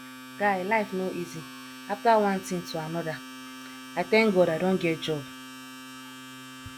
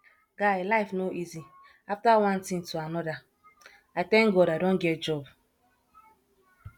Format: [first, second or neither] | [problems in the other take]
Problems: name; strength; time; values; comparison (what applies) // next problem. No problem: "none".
second | background sound (Domestic sounds, home sounds); 14 dB below the speech